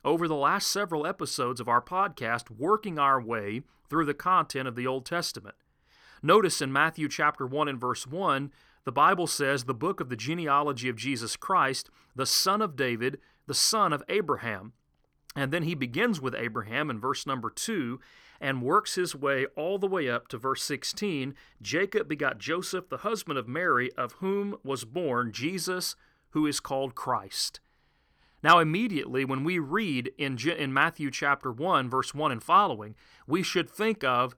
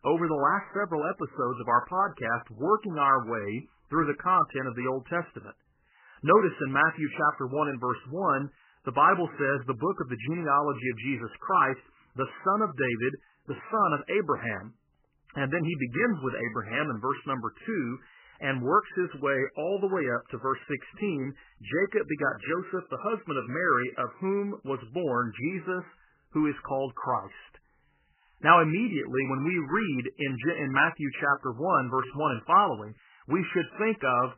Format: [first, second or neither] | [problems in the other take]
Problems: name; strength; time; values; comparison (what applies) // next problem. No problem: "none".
first | garbled, watery; badly; nothing above 3 kHz